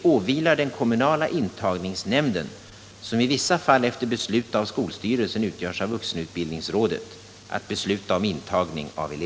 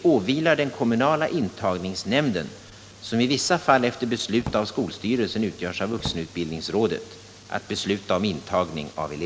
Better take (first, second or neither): first